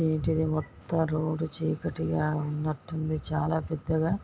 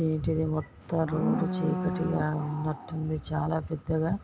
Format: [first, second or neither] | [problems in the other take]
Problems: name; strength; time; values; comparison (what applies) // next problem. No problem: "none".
first | background sound (Livestock, farm animals, working animals); 6 dB below the speech